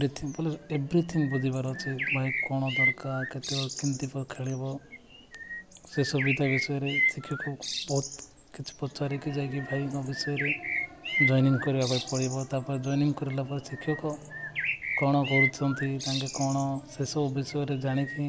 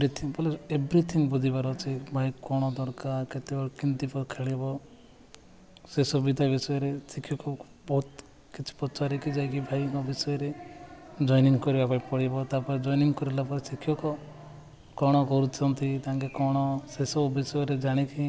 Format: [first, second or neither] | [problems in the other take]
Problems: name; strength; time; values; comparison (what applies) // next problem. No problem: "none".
second | background sound (Bird); 5 dB below the speech